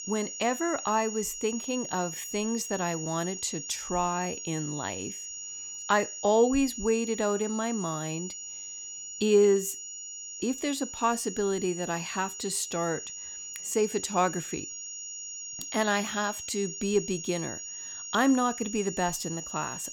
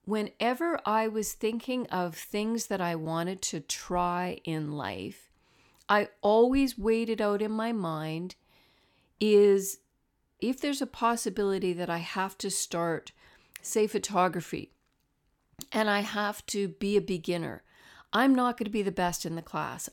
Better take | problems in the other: second | high-pitched whine; loud; throughout; 7 kHz, 8 dB below the speech

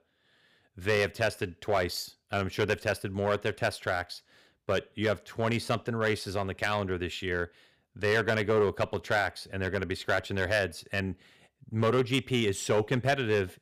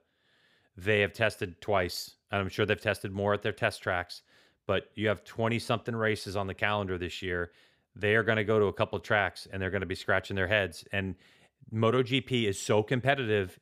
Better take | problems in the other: second | distortion; slight; 3% of the sound clipped

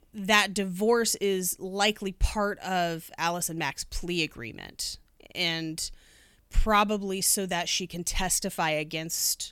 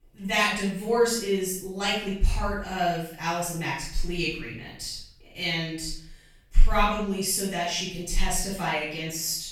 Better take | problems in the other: first | off-mic speech; far // room echo; noticeable; dies away in 0.6 s

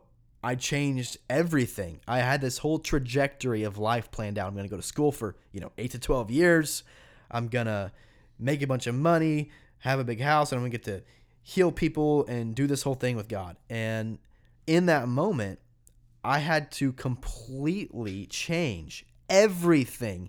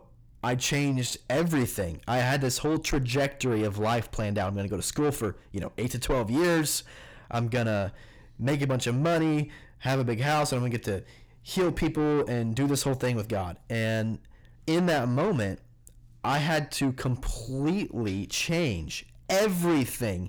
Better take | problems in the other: first | distortion; heavy; 7 dB below the speech

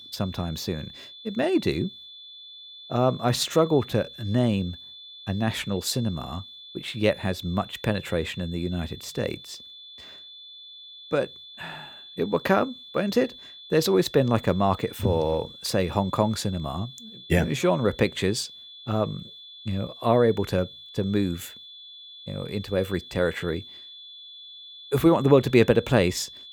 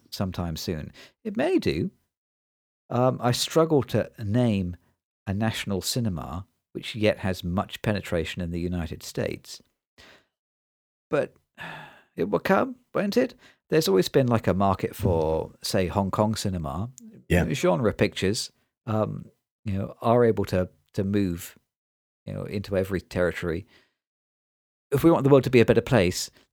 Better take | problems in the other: second | high-pitched whine; noticeable; throughout; 3.5 kHz, 15 dB below the speech

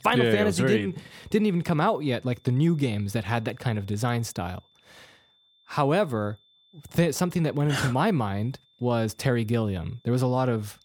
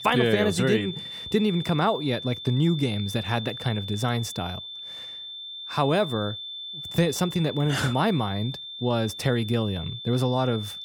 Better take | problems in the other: first | high-pitched whine; loud; throughout; 3.5 kHz, 9 dB below the speech; faint in the first

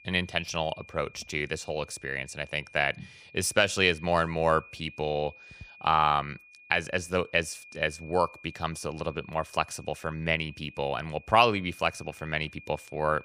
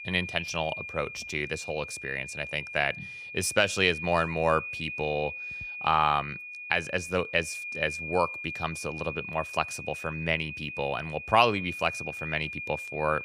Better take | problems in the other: first | high-pitched whine; loud; throughout; 2.5 kHz, 7 dB below the speech; faint in the first

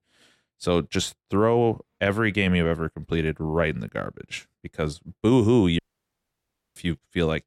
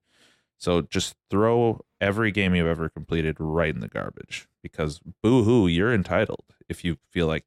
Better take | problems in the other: second | audio cutting out; at 6 s for 1 s

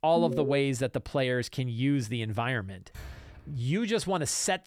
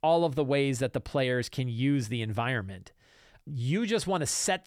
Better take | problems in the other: second | alarm; noticeable; at the start; peak 2 dB below the speech // door banging; faint; at 3 s; peak 15 dB below the speech

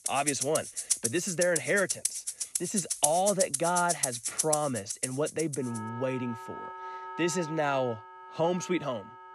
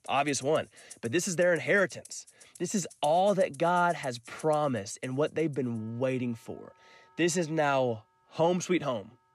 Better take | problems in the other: second | background music; loud; throughout; 2 dB below the speech; faint in the second

